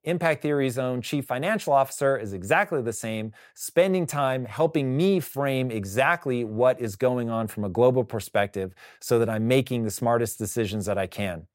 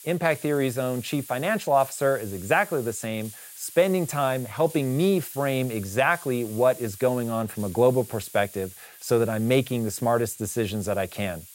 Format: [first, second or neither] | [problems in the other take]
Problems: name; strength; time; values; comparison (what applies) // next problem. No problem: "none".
first | hiss; noticeable; throughout; 15 dB below the speech